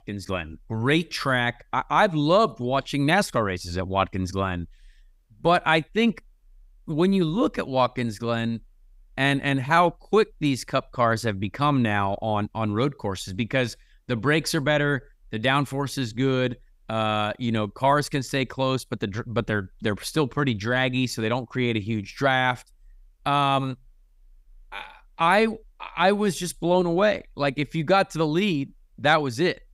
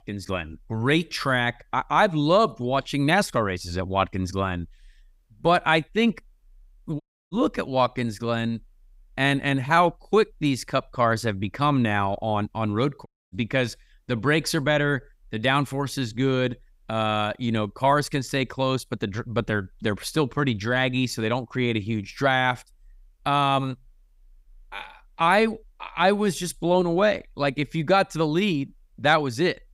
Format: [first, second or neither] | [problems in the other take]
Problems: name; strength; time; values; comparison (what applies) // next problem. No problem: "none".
first | audio cutting out; at 7 s and at 13 s